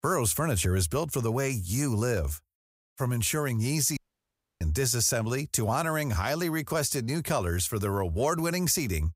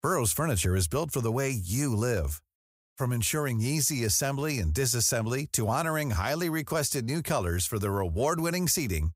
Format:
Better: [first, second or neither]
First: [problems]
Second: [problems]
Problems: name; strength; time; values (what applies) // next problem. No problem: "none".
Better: second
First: audio cutting out; at 4 s for 0.5 s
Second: none